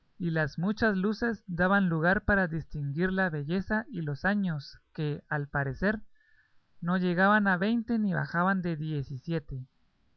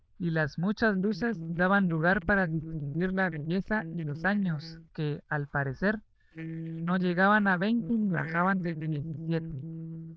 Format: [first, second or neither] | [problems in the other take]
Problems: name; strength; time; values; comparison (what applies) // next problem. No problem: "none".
first | noise reduction (neural diffusion model UNIVERSE++)